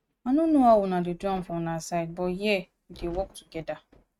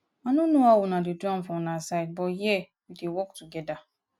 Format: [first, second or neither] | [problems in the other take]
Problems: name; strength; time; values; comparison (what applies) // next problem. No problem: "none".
second | noise reduction (neural mask model RNNoise)